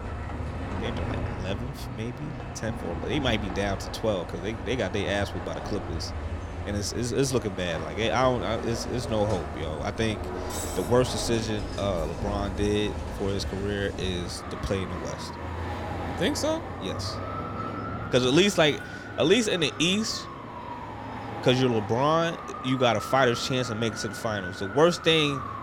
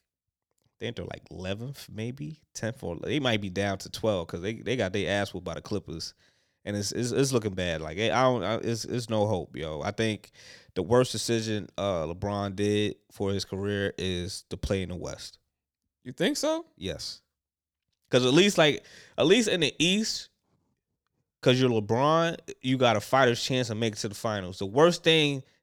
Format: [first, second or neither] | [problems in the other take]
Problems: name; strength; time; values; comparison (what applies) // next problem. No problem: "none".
second | traffic noise; loud; throughout; 8 dB below the speech